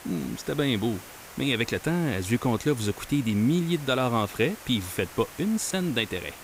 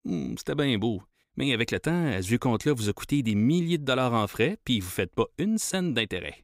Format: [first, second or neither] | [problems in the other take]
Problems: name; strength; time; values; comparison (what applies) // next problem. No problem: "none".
second | hiss; noticeable; throughout; 15 dB below the speech